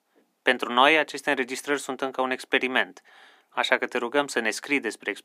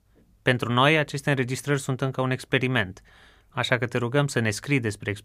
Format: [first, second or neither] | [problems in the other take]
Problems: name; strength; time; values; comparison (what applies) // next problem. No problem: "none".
second | thin; somewhat; fading below 250 Hz